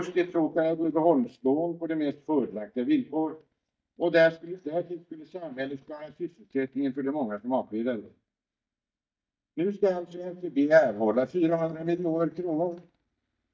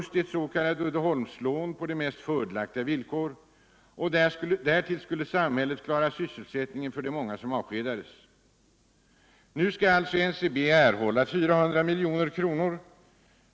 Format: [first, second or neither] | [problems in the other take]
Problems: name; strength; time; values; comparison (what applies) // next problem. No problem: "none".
second | noise reduction (neural mask model DeepFilterNet 3)